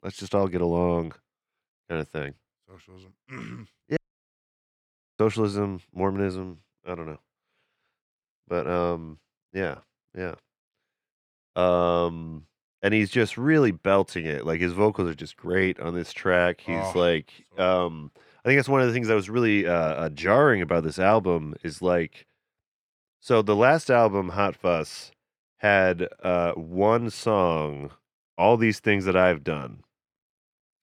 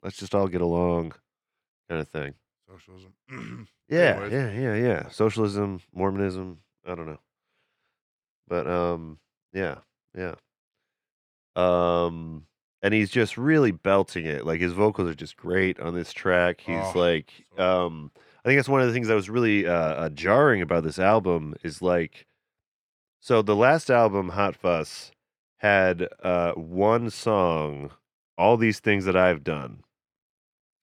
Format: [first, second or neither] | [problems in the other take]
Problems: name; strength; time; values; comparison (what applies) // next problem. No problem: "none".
second | audio cutting out; at 4 s for 1 s